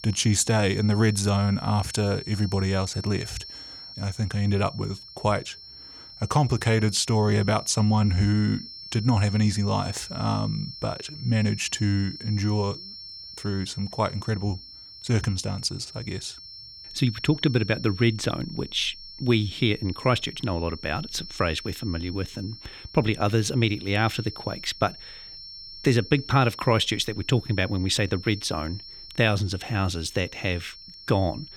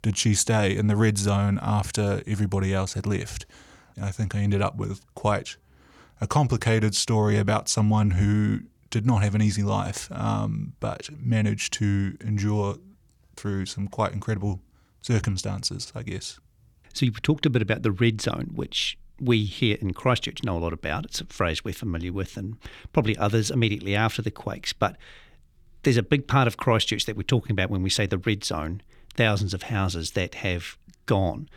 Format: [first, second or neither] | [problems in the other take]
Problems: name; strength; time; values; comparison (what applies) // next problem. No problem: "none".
second | high-pitched whine; noticeable; throughout; 5.5 kHz, 15 dB below the speech